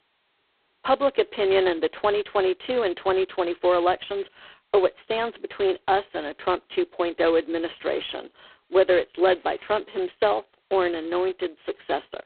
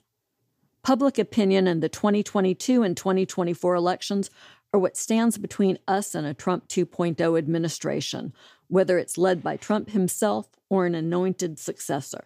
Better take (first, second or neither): second